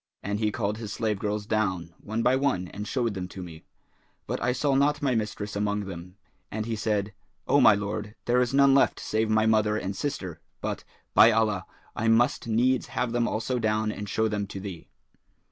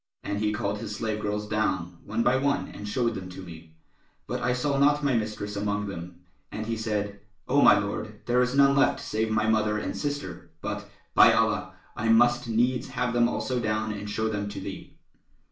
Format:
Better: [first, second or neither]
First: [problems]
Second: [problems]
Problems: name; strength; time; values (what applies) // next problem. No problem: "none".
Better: first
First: none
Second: room echo; dies away in 0.4 s